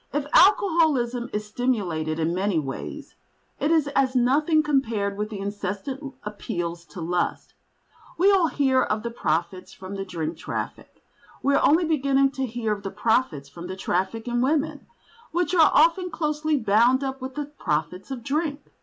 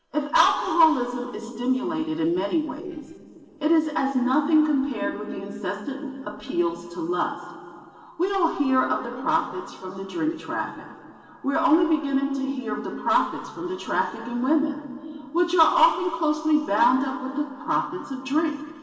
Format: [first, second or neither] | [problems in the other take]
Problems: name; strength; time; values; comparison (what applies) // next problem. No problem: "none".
first | noise reduction (neural separator model SepFormer DNS4)